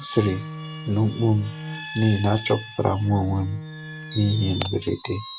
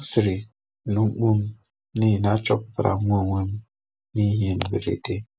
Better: second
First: background sound (Bowed string instrument + Screech); 11 dB below the speech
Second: none

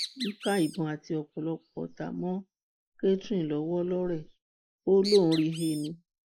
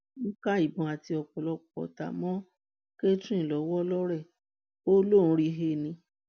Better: second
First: noise reduction (neural mask model Resemble Enhance denoiser)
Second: none

